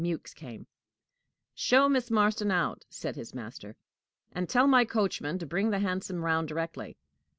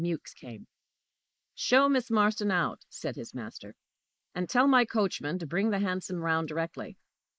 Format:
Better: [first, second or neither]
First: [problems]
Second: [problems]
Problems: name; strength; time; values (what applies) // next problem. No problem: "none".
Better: first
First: none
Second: noise reduction (neural mask model Resemble Enhance denoiser)